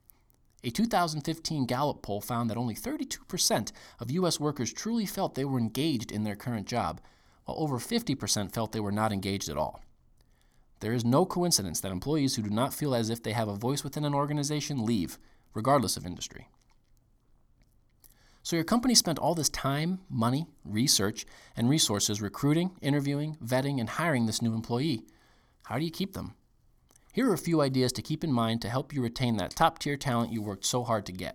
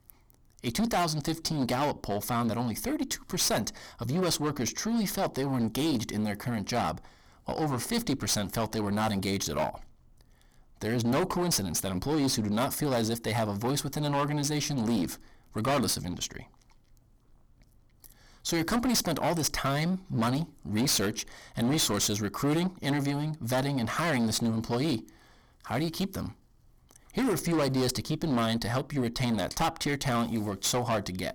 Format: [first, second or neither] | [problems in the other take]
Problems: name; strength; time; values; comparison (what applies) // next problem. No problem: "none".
first | distortion; heavy; 16% of the sound clipped